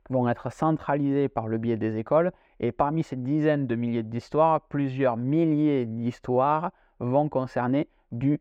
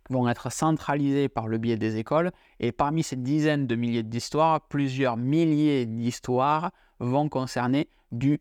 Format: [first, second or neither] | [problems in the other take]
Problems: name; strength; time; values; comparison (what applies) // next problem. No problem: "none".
second | muffled; very; fading above 3.5 kHz